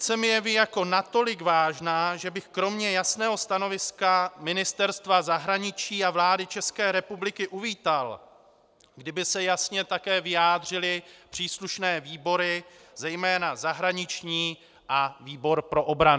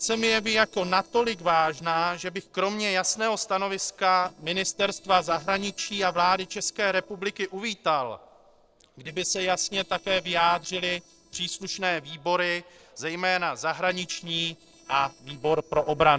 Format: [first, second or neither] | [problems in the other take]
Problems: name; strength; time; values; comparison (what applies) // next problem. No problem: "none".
first | noise reduction (neural separator model SepFormer DNS4)